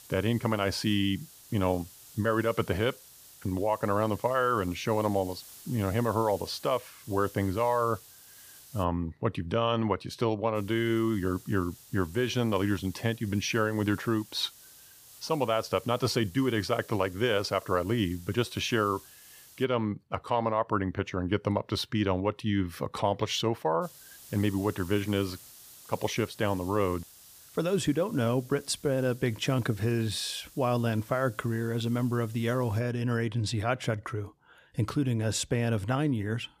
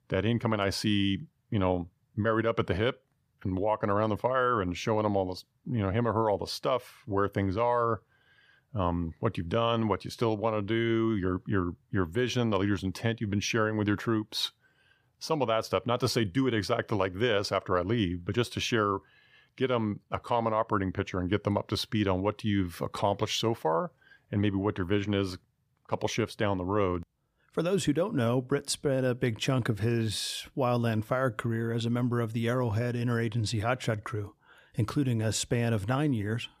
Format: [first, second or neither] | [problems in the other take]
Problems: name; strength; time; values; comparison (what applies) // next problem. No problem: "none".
second | hiss; faint; until 9 s, from 11 to 20 s and from 24 to 33 s; 20 dB below the speech